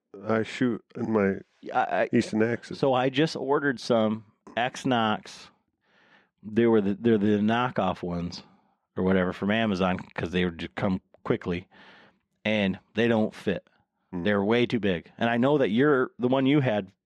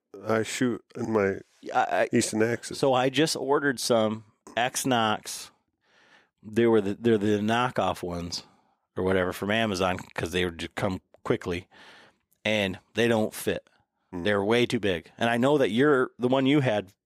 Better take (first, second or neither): second